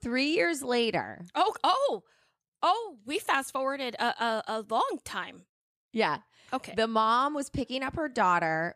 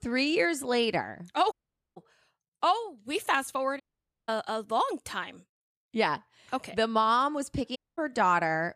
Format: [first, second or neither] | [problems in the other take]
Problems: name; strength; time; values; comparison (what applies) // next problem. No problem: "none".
first | audio cutting out; at 1.5 s, at 4 s and at 8 s